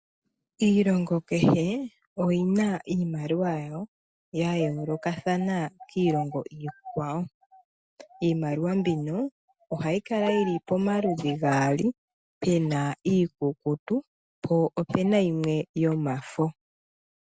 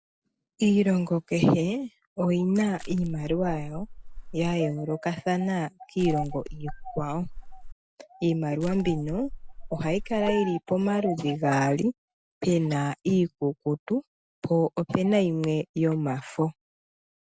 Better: first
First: none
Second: background sound (Crushing); 10 dB below the speech

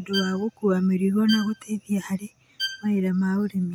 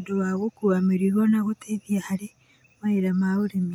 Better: second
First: background sound (Bowed string instrument); 12 dB below the speech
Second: none

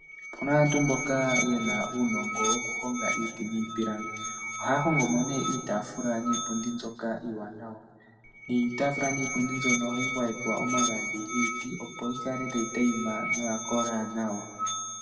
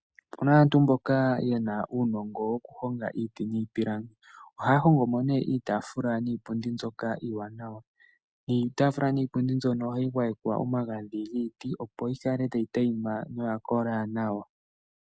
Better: second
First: background sound (Musical instrument); 4 dB below the speech // room echo; dies away in 1.6 s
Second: none

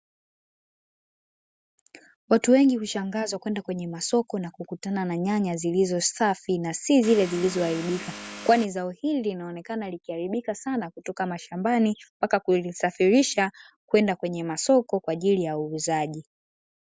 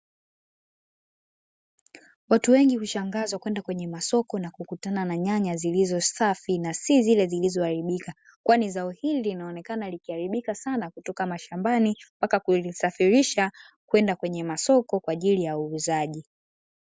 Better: second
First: background sound (Vehicle); 12 dB below the speech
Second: none

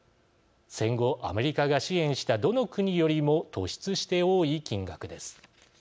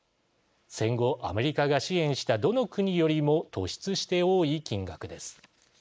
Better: first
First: none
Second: noise reduction (neural mask model Resemble Enhance denoiser)

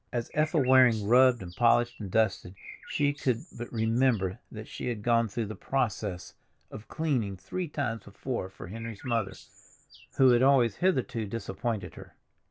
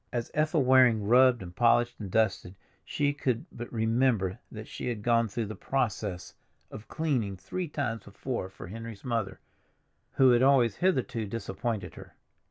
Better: second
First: background sound (Bird); 18 dB below the speech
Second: none

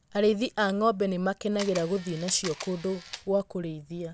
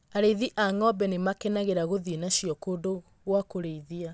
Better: second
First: background sound (Camera); 14 dB below the speech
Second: none

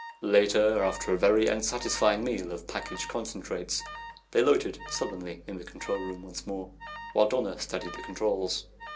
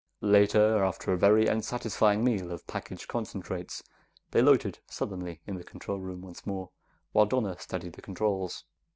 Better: second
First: background sound (Alarm); 17 dB below the speech // room echo; dies away in 0.2 s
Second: none

